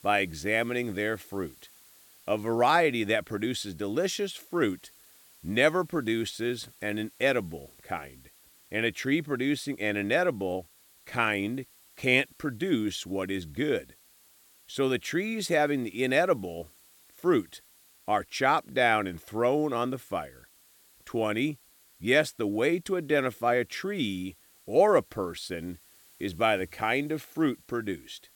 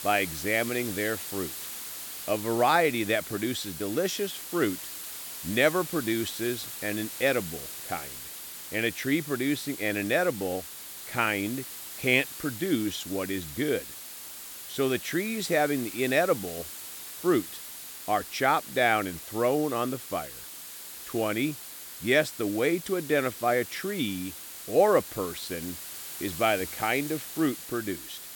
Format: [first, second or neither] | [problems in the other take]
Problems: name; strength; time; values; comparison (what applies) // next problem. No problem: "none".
first | hiss; loud; throughout; 9 dB below the speech; faint in the first